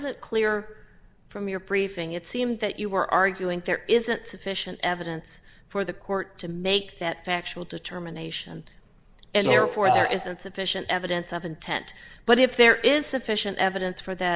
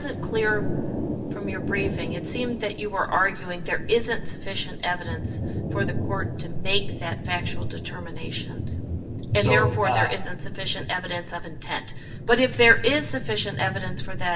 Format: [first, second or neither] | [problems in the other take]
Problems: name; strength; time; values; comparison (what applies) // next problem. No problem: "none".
first | background sound (Thunder); 6 dB below the speech // room echo; dies away in 0.2 s